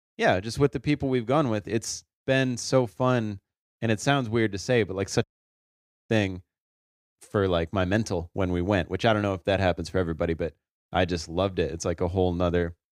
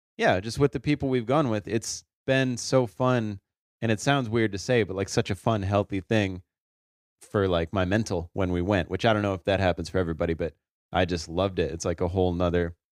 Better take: second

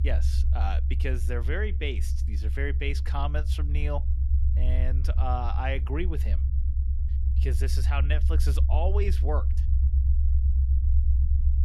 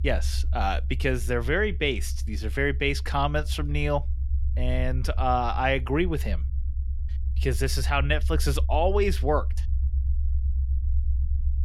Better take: second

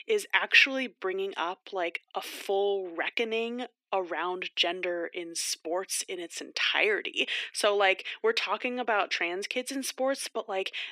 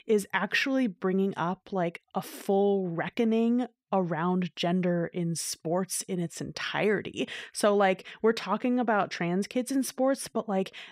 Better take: second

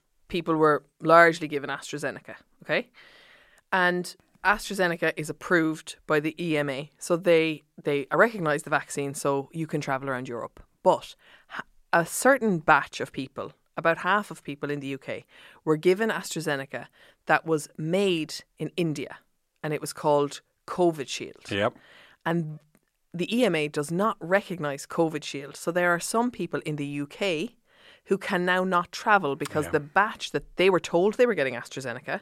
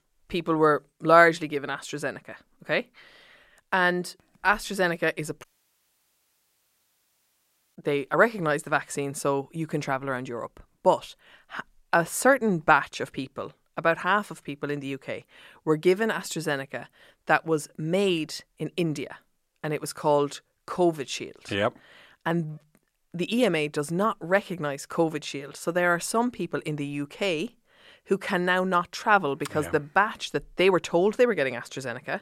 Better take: first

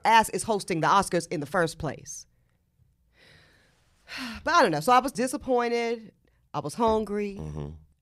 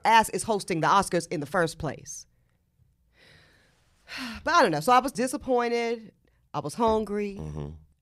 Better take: neither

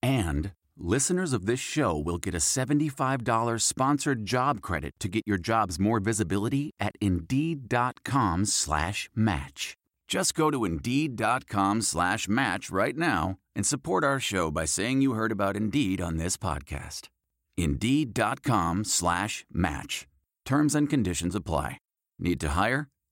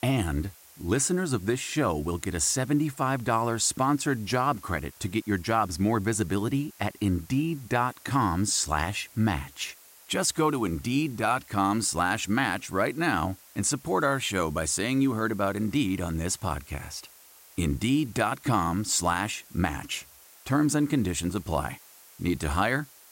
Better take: first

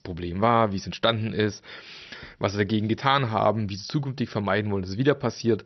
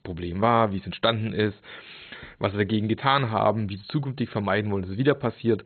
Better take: first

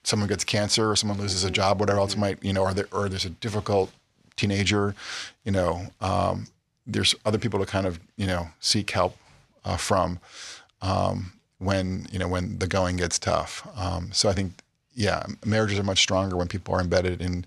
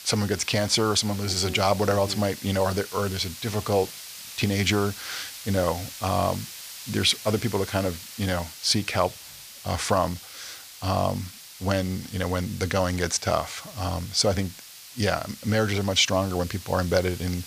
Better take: first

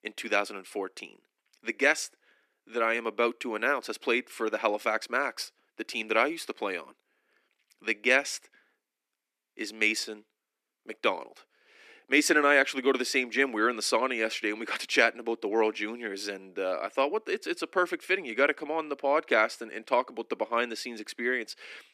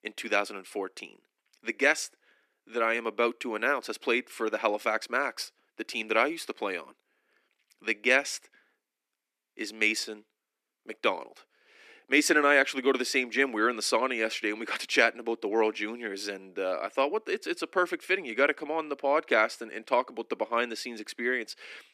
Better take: neither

